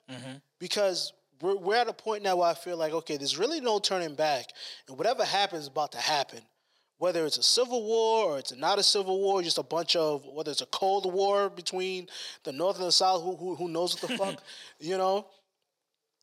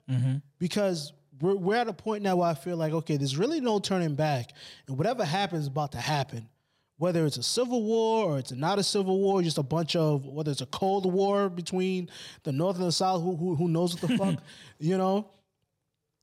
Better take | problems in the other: second | thin; very; fading below 500 Hz

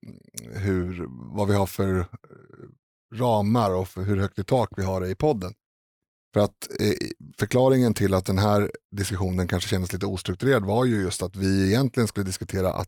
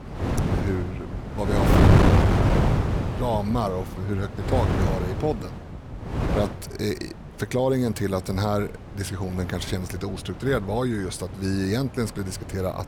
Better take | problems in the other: first | wind noise on the microphone; heavy; 1 dB above the speech

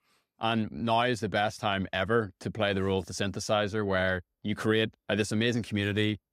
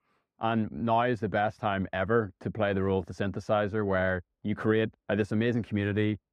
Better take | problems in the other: first | muffled; very; fading above 3 kHz

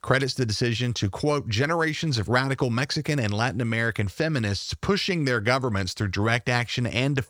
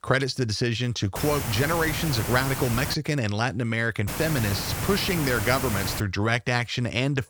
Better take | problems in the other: first | hiss; loud; from 1 to 3 s and from 4 to 6 s; 5 dB below the speech

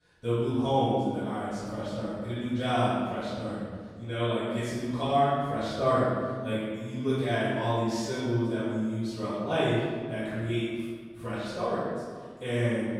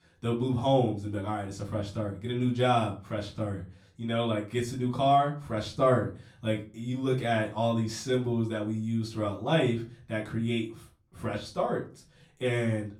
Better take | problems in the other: second | room echo; strong; dies away in 1.5 s; slight in the second // off-mic speech; far; far in the second

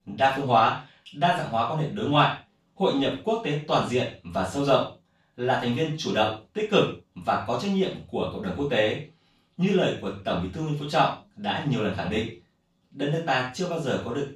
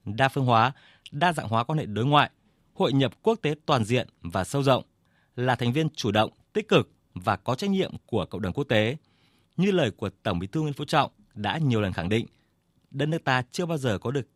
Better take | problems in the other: second | room echo; noticeable; dies away in 0.3 s // off-mic speech; far

